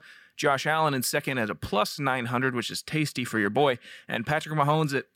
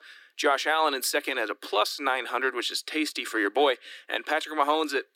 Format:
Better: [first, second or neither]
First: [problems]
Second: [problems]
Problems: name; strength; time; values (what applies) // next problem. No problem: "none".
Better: first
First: none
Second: thin; somewhat; fading below 300 Hz